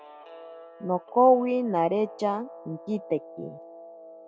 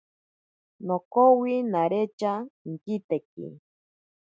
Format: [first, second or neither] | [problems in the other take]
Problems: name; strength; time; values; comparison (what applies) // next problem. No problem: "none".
second | background sound (Guitar); 18 dB below the speech